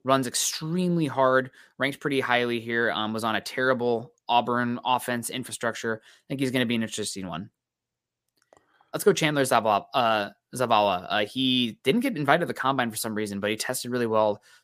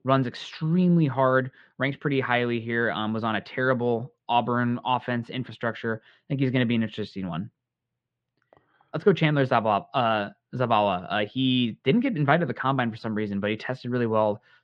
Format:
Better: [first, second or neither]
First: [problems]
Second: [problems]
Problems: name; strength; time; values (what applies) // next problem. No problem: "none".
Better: first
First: none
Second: muffled; very; fading above 3.5 kHz